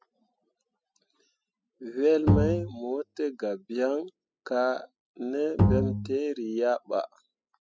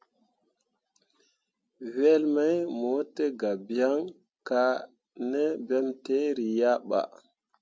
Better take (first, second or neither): second